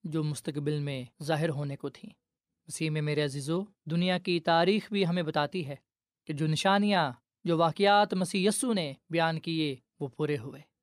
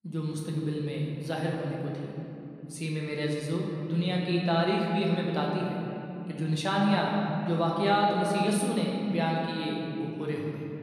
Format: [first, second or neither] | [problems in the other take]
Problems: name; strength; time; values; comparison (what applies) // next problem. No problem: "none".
first | room echo; noticeable; dies away in 3 s // off-mic speech; somewhat distant